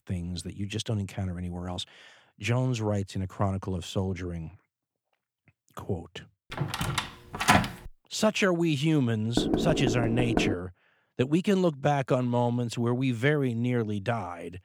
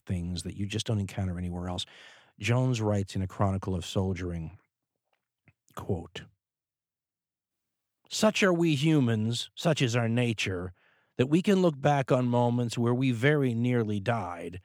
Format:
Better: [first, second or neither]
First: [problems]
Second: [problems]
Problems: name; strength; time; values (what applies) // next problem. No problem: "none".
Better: second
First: door banging; loud; from 6.5 to 7.5 s and from 9.5 to 11 s; peak 6 dB above the speech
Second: none